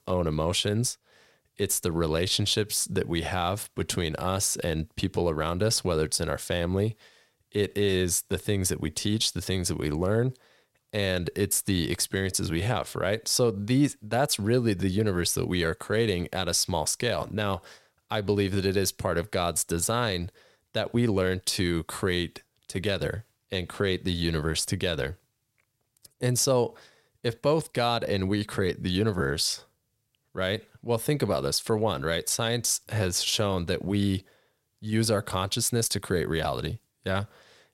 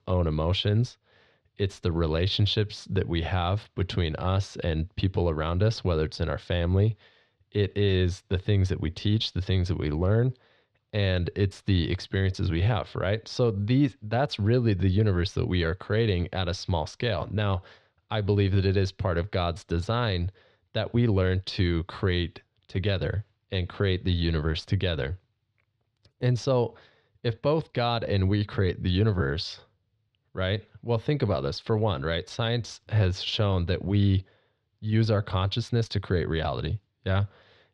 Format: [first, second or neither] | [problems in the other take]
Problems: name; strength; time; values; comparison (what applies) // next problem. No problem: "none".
first | muffled; slightly; fading above 4 kHz